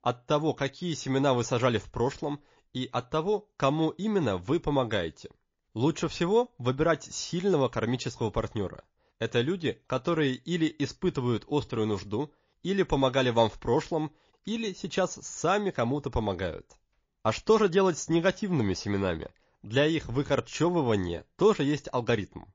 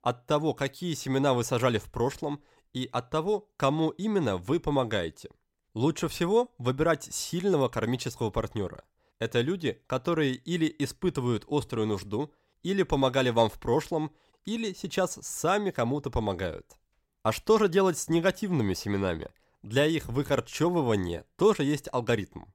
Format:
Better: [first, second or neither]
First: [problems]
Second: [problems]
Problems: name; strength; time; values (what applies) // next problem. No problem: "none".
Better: second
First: garbled, watery; slightly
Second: none